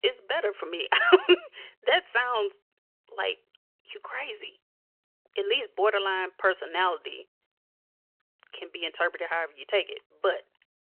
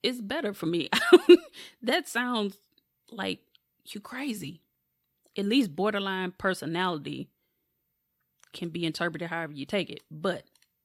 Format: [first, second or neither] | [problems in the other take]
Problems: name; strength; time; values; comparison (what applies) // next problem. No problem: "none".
second | phone-call audio; nothing above 3 kHz